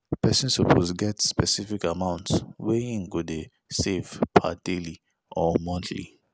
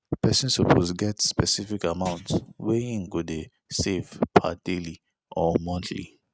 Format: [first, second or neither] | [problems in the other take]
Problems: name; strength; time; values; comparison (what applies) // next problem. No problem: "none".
first | noise reduction (neural mask model RNNoise)